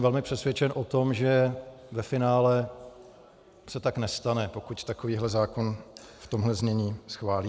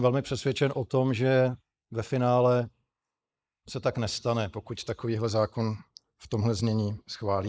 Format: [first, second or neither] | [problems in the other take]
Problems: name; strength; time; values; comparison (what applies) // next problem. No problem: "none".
first | noise reduction (neural mask model Resemble Enhance denoiser)